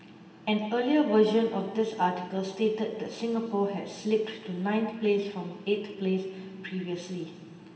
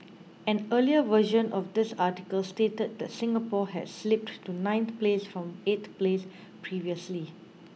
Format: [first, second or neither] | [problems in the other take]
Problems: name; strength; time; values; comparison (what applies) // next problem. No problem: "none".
second | room echo; dies away in 1.4 s